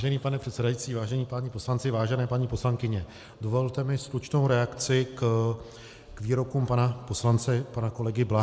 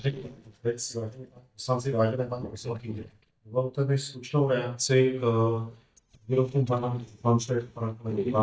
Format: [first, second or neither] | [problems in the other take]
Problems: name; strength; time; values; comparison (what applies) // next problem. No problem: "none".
first | noise reduction (neural mask model DeepFilterNet 3)